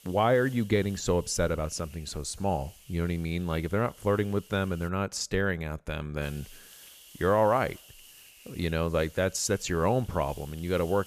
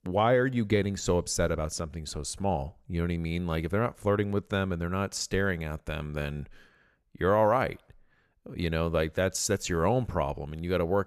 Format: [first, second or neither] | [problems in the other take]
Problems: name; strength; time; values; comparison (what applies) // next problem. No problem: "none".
second | hiss; faint; until 5 s and from 6 s on; 20 dB below the speech